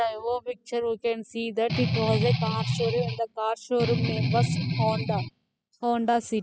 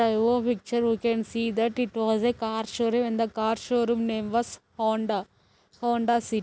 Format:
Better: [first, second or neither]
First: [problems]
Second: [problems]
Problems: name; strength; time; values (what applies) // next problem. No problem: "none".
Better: second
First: noise reduction (classical method spectral subtraction)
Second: none